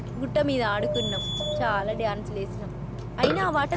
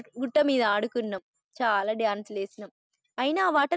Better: second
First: background sound (Burping, eructation); 2 dB below the speech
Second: none

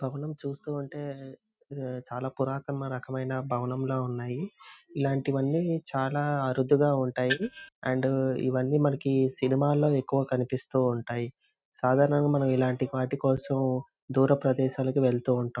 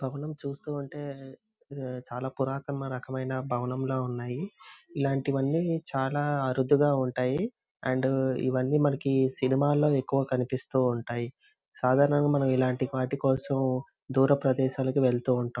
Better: second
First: noise reduction (neural mask model RNNoise)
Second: none

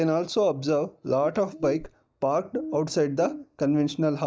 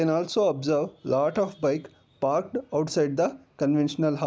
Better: second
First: noise reduction (neural mask model DeepFilterNet 3)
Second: none

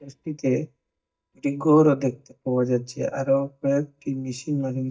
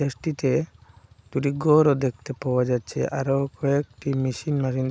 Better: second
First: noise reduction (neural mask model DeepFilterNet 3)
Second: none

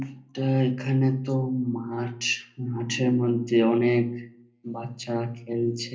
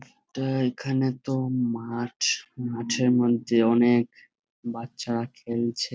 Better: second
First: room echo; dies away in 0.5 s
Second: none

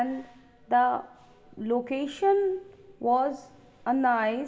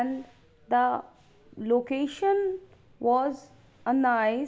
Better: second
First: room echo; dies away in 0.8 s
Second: none

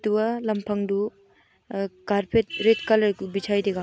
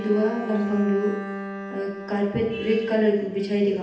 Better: first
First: none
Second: background sound (Bowed string instrument); 11 dB below the speech // room echo; dies away in 0.8 s

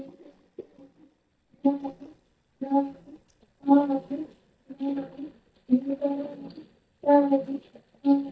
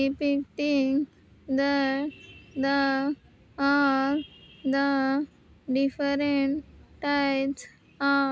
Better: second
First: noise reduction (neural mask model DeepFilterNet 3)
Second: none

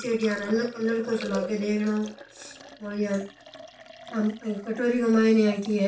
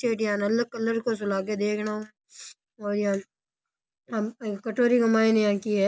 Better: second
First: background sound (Liquid); 16 dB below the speech // room echo; dies away in 0.3 s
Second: none

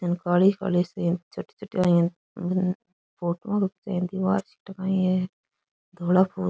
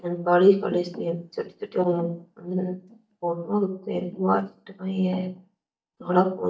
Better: first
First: none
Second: noise reduction (neural mask model DeepFilterNet 3)

